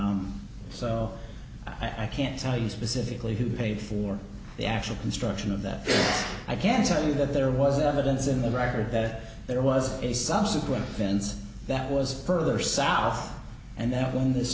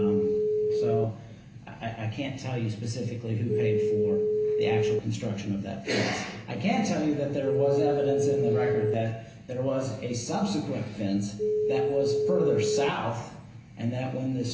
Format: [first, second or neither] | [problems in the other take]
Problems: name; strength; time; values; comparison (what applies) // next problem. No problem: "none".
first | background sound (Telephone); as loud as the speech // room echo; dies away in 0.3 s